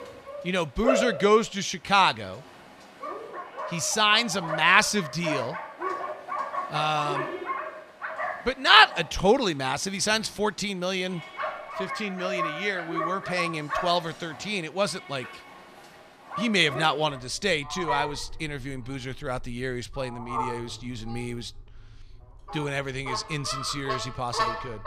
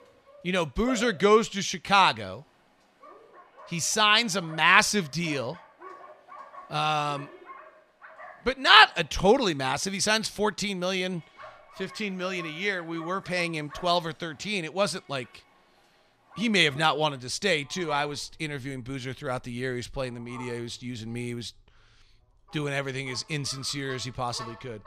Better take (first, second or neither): second